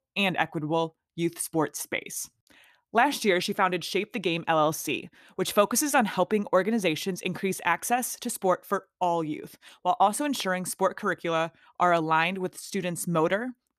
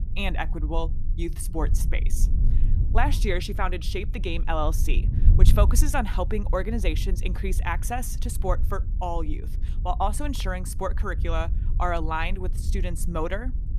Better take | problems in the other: first | wind noise on the microphone; occasional gusts; 15 dB below the speech

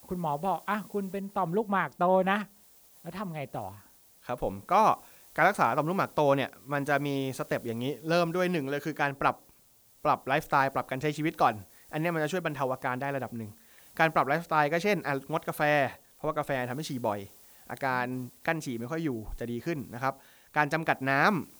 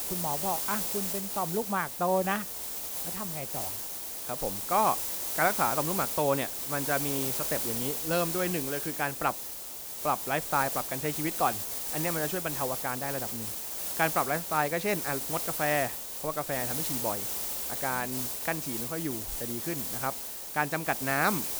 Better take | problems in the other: first | hiss; loud; throughout; as loud as the speech; faint in the first

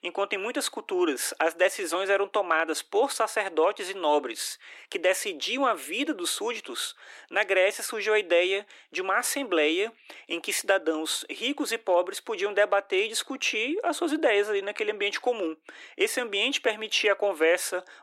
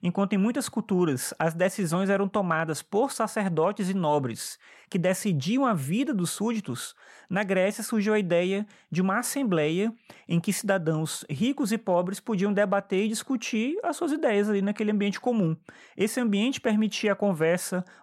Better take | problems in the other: second | thin; very; fading below 300 Hz

